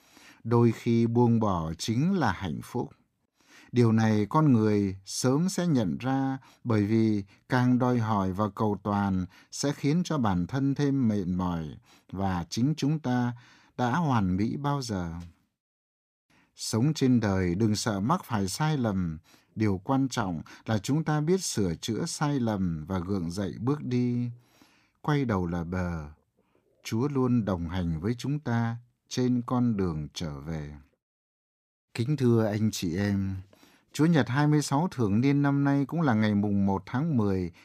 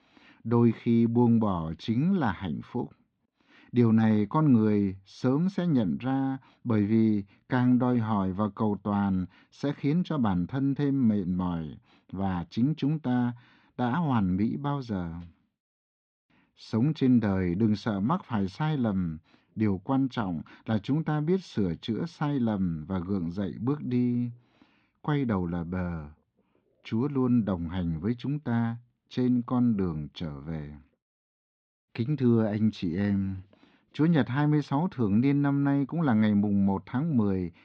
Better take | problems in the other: first | muffled; slightly; fading above 3.5 kHz

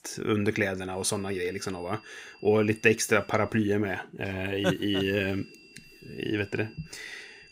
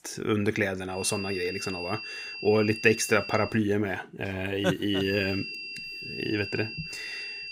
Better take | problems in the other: first | high-pitched whine; loud; from 1 to 3.5 s and from 5 s on; 2.5 kHz, 8 dB below the speech; faint in the first

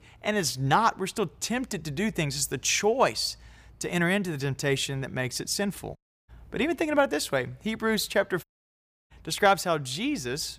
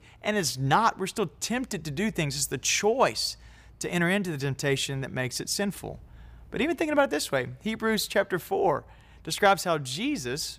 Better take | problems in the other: second | audio cutting out; at 6 s and at 8.5 s for 0.5 s

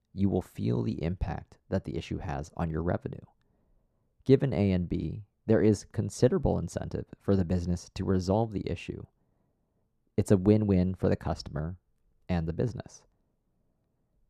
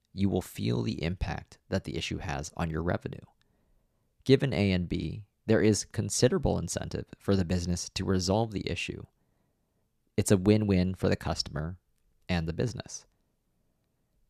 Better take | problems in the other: second | muffled; slightly; fading above 1.5 kHz

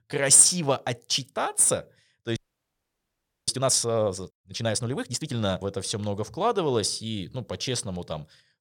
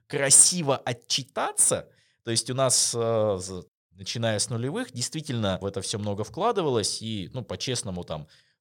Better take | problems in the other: second | audio freezing; at 2.5 s for 1 s

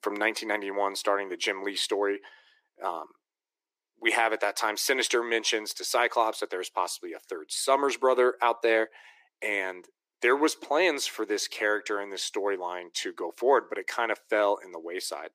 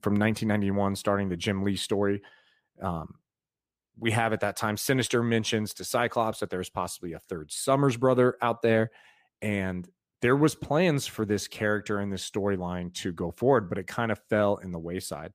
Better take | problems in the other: second | thin; very; fading below 350 Hz

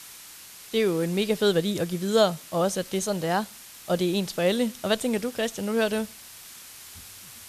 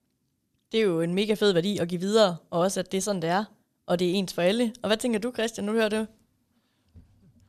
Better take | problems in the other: second | hiss; noticeable; throughout; 15 dB below the speech

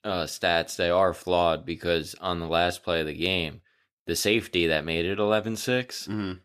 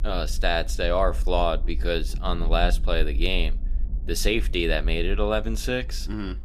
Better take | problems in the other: first | low rumble; faint; throughout; 25 dB below the speech

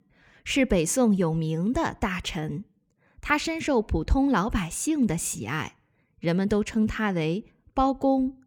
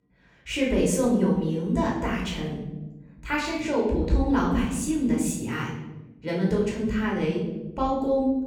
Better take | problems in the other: first | off-mic speech; far // room echo; noticeable; dies away in 1 s

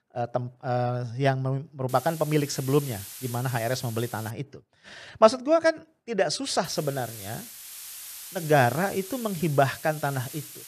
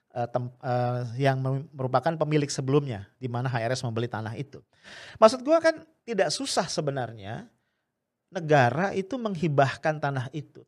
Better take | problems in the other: second | hiss; noticeable; from 2 to 4.5 s and from 6.5 s on; 15 dB below the speech

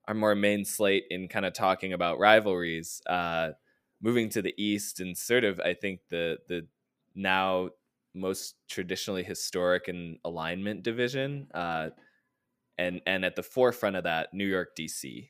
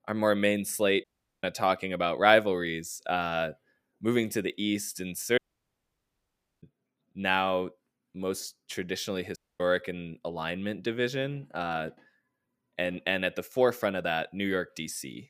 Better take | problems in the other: first | audio cutting out; at 1 s, at 5.5 s for 1 s and at 9.5 s

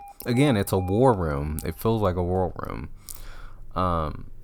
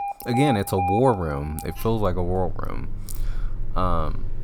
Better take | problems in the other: first | alarms or sirens; loud; throughout; 7 dB below the speech; faint in the first

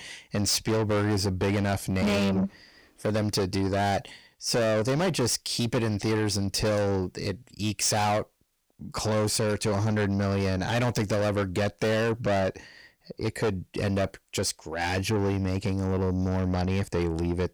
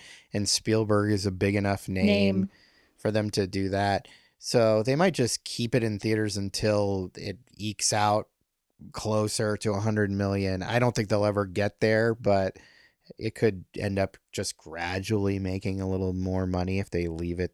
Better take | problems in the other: second | distortion; heavy; 7 dB below the speech

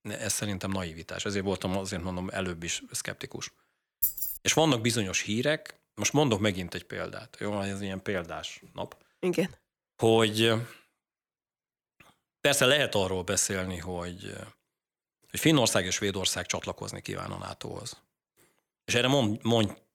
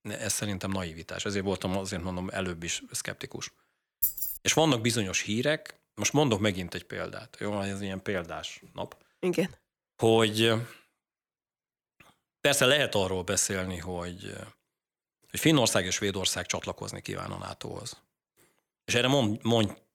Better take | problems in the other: neither | jangling keys; loud; at 4 s; peak 1 dB above the speech; the same in both

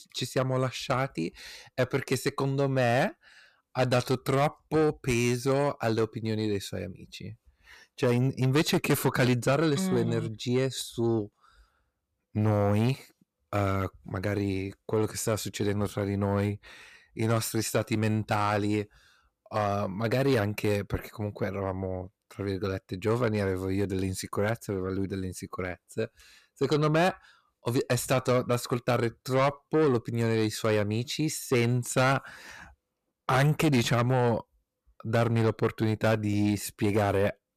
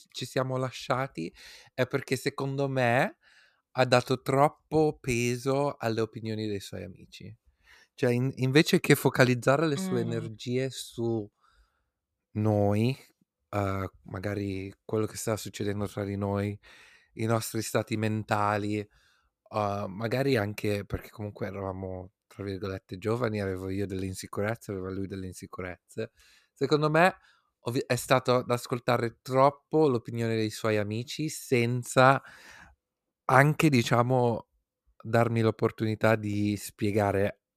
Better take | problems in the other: second | distortion; heavy; 7 dB below the speech

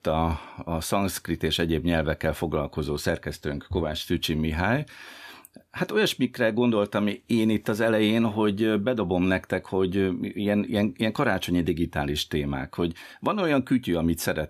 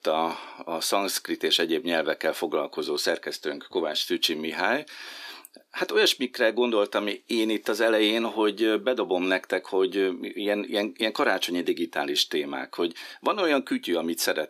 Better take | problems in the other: first | thin; somewhat; fading below 300 Hz

